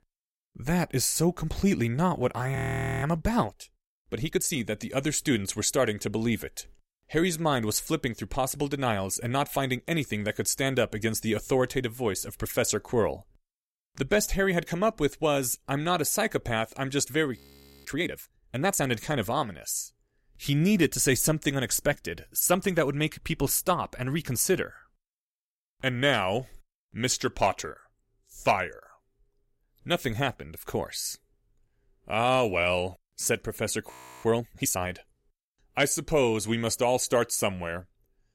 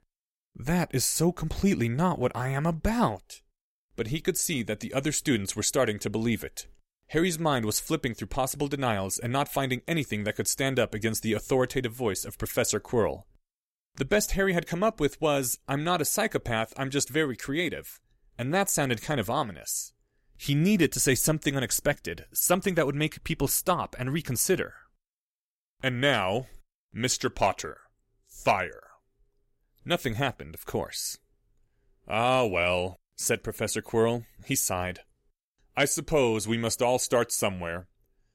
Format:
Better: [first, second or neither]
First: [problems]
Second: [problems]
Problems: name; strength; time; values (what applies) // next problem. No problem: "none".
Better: second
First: audio freezing; at 2.5 s, at 17 s and at 34 s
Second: none